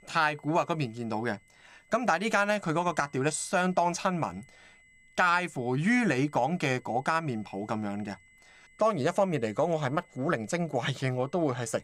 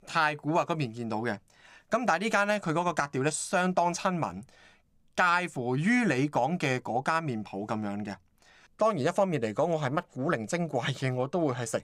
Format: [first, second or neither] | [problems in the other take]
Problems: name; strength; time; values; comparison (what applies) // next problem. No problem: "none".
second | high-pitched whine; faint; throughout; 2 kHz, 30 dB below the speech